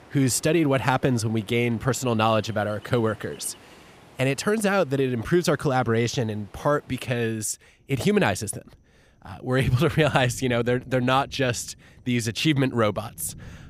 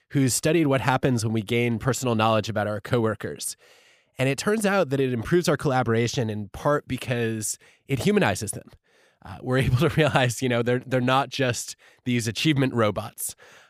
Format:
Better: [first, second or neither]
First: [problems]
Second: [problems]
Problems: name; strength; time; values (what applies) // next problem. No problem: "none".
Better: second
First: rain or running water; faint; throughout; 25 dB below the speech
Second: none